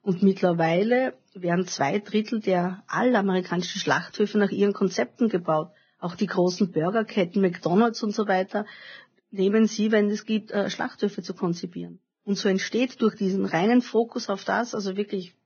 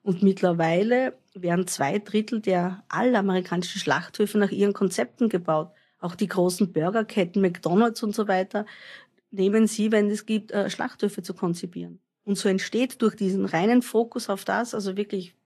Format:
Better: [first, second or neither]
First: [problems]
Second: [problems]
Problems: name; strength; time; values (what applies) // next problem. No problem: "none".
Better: second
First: garbled, watery; badly; nothing above 6.5 kHz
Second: garbled, watery; slightly; nothing above 12.5 kHz